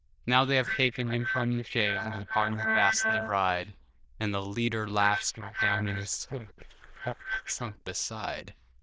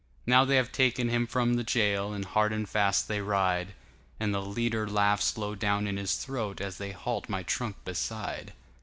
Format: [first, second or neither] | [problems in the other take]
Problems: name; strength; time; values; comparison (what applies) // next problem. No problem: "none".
second | noise reduction (neural diffusion model UNIVERSE++)